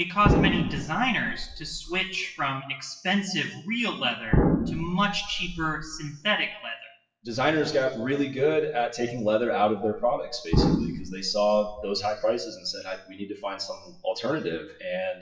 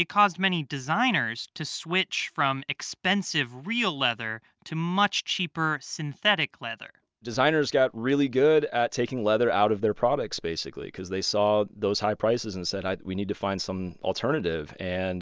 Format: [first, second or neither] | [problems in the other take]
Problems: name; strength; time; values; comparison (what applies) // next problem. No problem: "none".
second | noise reduction (classical method WPE with log-MMSE)